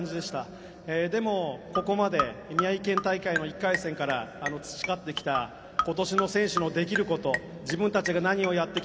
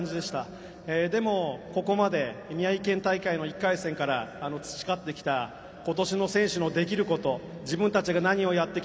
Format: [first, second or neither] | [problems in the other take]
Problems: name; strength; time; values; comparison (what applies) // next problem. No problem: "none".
second | background sound (Marimba, xylophone); 6 dB below the speech